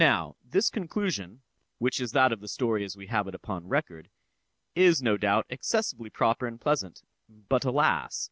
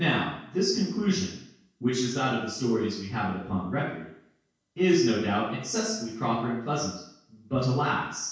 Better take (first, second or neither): first